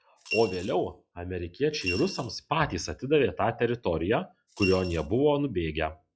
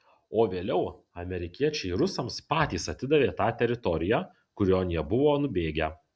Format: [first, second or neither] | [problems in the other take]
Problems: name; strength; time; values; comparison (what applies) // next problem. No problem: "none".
second | noise reduction (classical method log-MMSE)